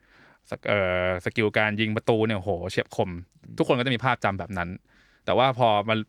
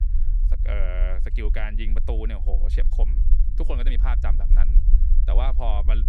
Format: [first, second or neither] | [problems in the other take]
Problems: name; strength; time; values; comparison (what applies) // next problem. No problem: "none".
first | low rumble; noticeable; throughout; 10 dB below the speech